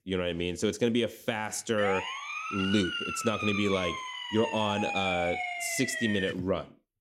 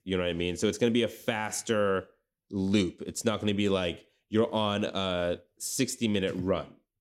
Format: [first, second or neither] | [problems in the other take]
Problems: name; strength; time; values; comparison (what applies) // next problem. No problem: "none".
second | siren; noticeable; from 2 to 6.5 s; peak level with the speech